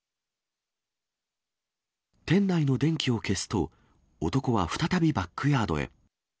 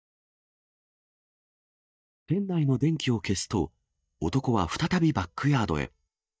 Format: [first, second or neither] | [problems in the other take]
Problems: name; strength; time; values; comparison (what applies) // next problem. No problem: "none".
first | noise reduction (neural mask model DeepFilterNet 3)